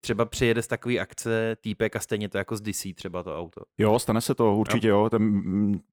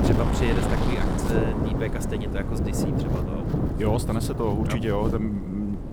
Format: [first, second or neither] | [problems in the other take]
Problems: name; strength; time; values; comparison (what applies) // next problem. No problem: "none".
first | wind noise on the microphone; heavy; as loud as the speech